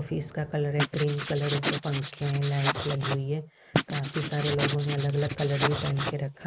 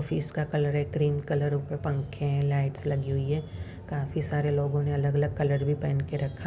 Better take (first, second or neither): second